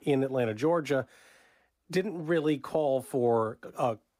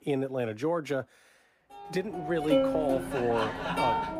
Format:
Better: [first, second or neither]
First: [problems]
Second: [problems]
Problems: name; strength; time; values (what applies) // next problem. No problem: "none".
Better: first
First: none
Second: background music; very loud; from 2.5 s on; 1 dB above the speech